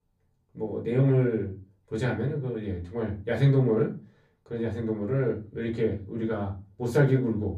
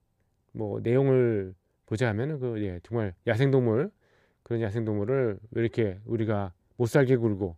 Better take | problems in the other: second | off-mic speech; far // room echo; very slight; dies away in 0.3 s

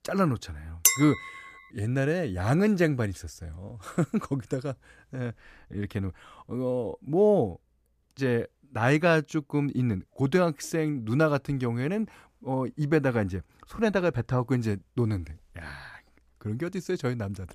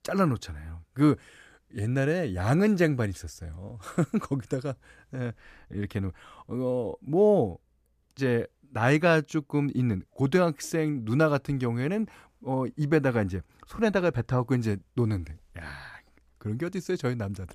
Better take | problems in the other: second | clattering dishes; loud; at 1 s; peak 6 dB above the speech

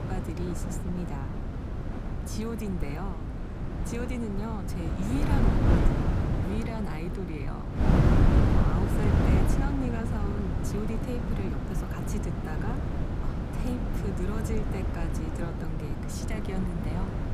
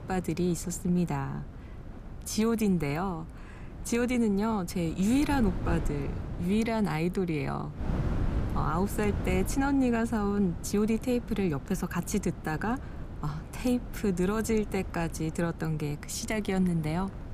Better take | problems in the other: second | wind noise on the microphone; heavy; 3 dB above the speech; occasional gusts in the second

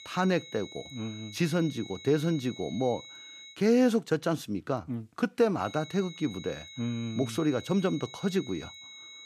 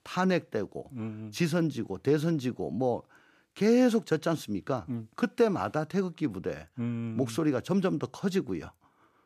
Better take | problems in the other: second | high-pitched whine; noticeable; until 3.5 s and from 5.5 s on; 4 kHz, 15 dB below the speech

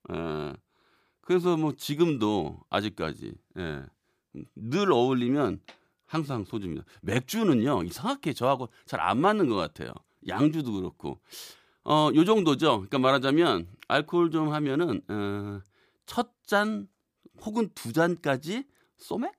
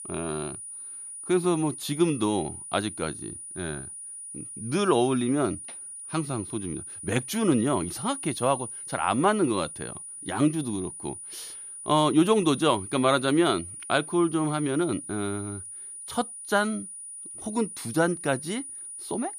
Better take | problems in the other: first | high-pitched whine; noticeable; throughout; 9.5 kHz, 10 dB below the speech

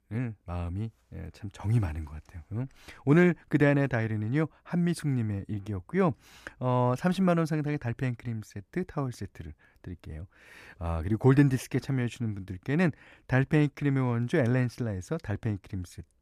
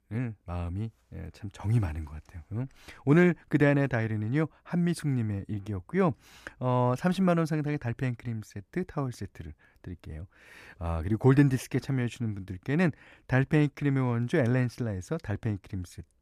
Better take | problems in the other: neither | none

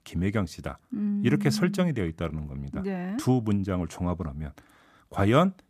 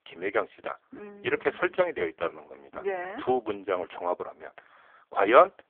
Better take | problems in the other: first | phone-call audio; poor line

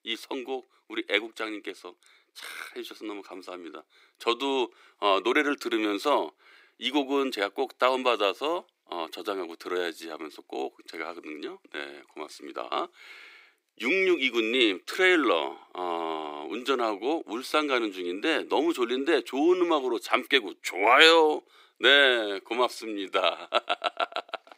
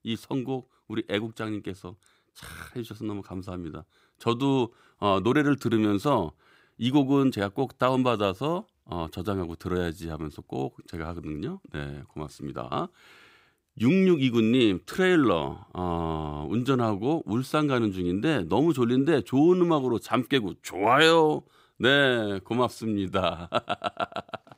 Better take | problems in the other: second | thin; somewhat; fading below 350 Hz

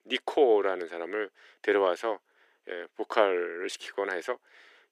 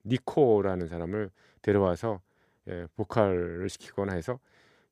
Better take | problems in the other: second | thin; very; fading below 350 Hz

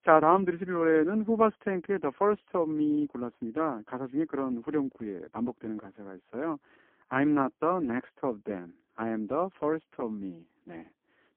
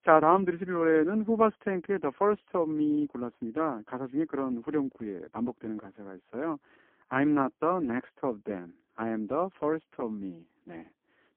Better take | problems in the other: neither | phone-call audio; poor line; the same in both

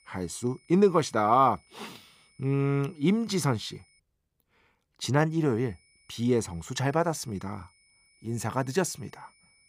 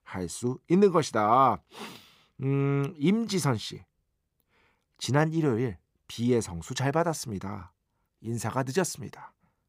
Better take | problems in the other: second | high-pitched whine; faint; until 4 s and from 5.5 s on; 2 kHz, 35 dB below the speech

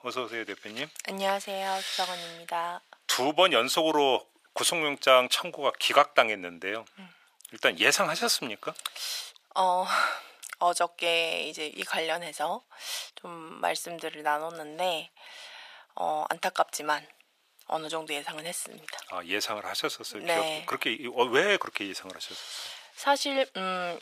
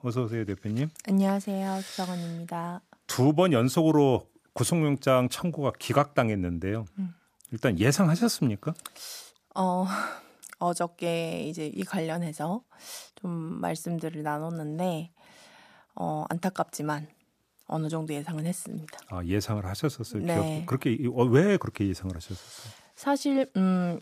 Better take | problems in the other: second | thin; very; fading below 650 Hz

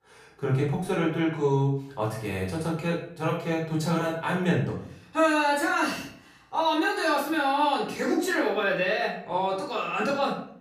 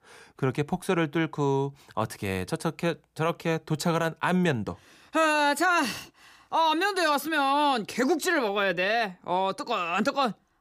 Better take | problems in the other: second | off-mic speech; far // room echo; noticeable; dies away in 0.5 s

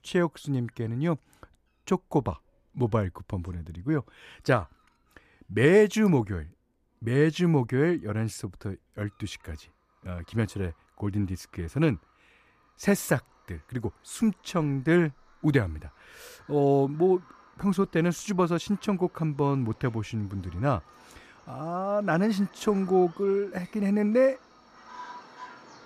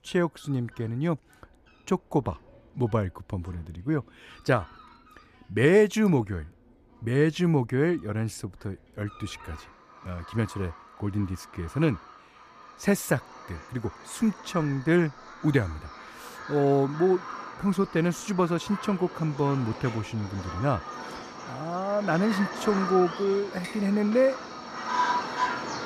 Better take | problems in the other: first | animal sounds; loud; throughout; 9 dB below the speech; faint in the first

